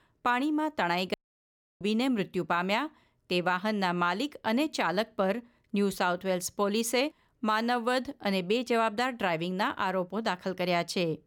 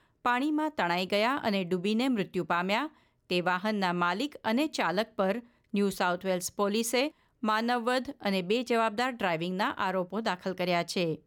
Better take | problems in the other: second | audio cutting out; at 1 s for 0.5 s

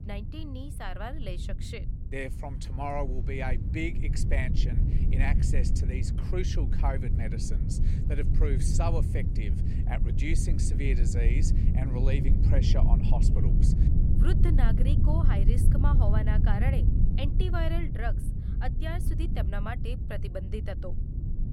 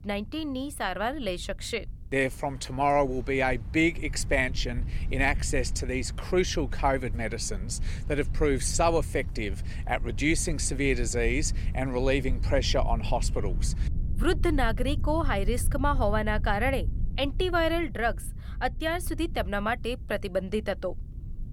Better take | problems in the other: second | low rumble; loud; throughout; 4 dB below the speech; faint in the second

